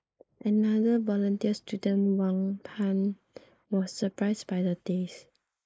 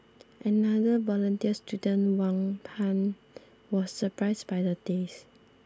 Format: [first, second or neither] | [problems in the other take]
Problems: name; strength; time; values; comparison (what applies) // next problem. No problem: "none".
second | noise reduction (neural mask model Resemble Enhance denoiser)